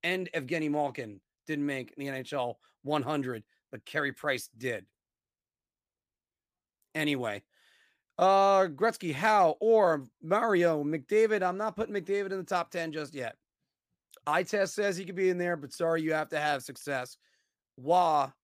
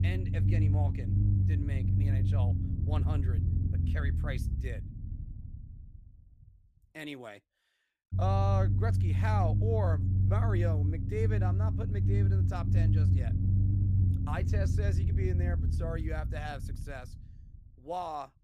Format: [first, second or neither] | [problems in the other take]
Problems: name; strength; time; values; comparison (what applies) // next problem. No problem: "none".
first | low rumble; loud; throughout; 4 dB below the speech